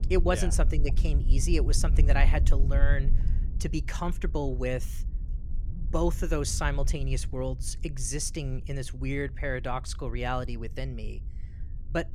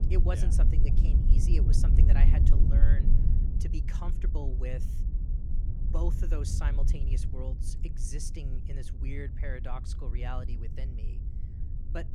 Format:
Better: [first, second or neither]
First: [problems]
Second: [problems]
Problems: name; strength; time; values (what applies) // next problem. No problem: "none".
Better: first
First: wind noise on the microphone; occasional gusts; 15 dB below the speech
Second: wind noise on the microphone; heavy; 3 dB below the speech